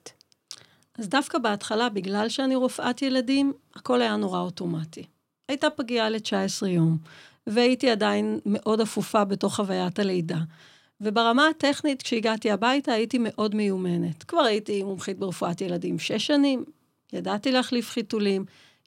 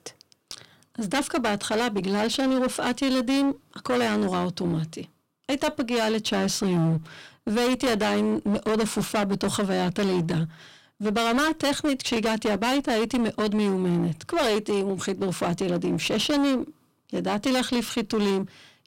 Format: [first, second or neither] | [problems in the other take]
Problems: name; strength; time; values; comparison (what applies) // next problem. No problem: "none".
first | distortion; heavy; 24% of the sound clipped